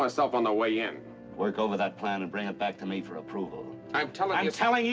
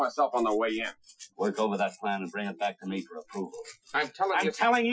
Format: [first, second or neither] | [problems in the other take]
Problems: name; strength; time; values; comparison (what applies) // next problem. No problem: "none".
first | noise reduction (classical method Wiener filter)